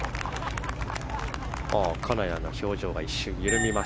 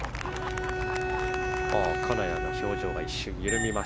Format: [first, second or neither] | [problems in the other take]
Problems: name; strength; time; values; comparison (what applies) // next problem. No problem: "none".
first | background sound (Bowed string instrument); 2 dB below the speech